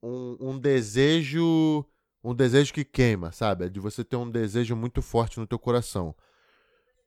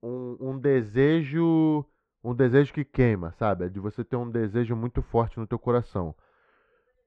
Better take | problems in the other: first | muffled; very; fading above 1.5 kHz

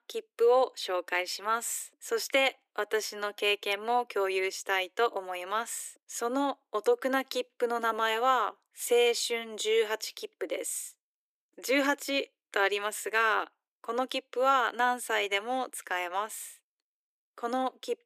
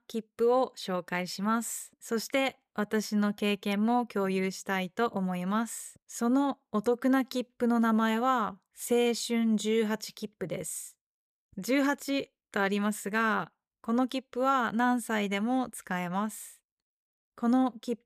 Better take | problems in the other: second | thin; somewhat; fading below 300 Hz

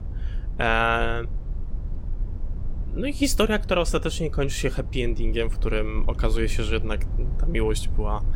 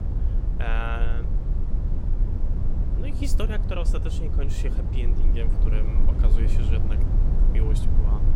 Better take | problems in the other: first | low rumble; loud; throughout; 4 dB below the speech; faint in the first

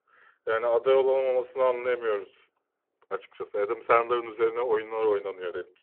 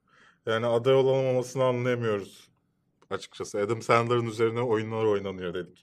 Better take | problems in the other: second | phone-call audio

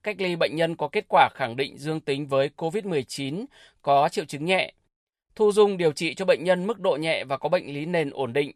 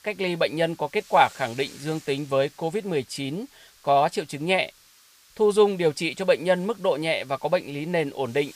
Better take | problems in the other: first | hiss; faint; throughout; 25 dB below the speech

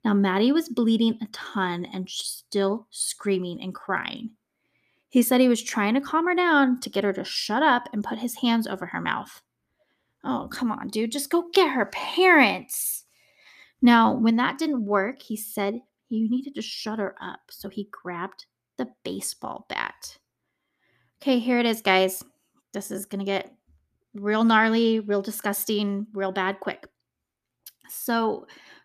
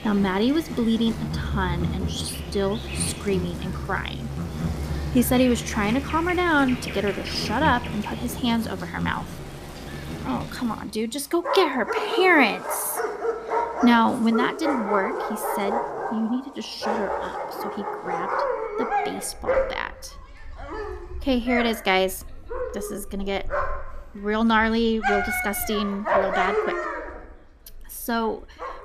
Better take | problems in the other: first | animal sounds; loud; throughout; 5 dB below the speech

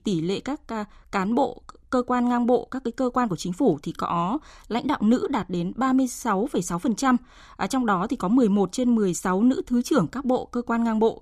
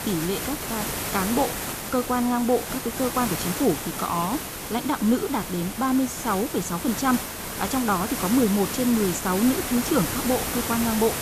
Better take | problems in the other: first | hiss; loud; throughout; 4 dB below the speech

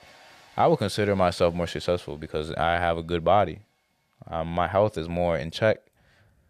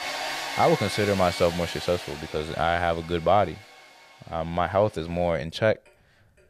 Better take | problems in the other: first | household noises; loud; throughout; 8 dB below the speech; faint in the first

